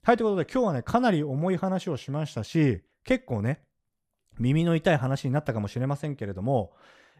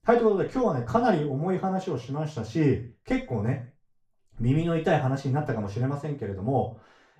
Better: first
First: none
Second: room echo; slight; dies away in 0.3 s // off-mic speech; far

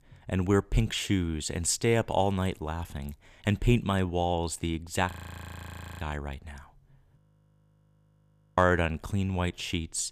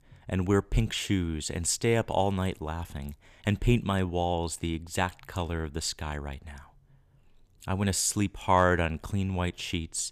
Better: second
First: audio freezing; at 5 s for 1 s and at 7 s for 1.5 s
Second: none

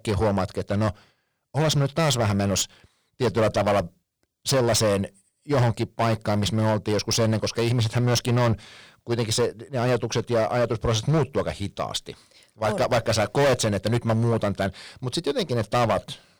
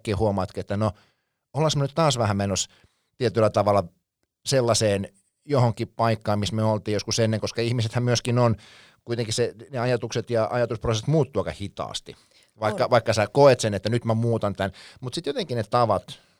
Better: second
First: distortion; heavy; 12% of the sound clipped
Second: none

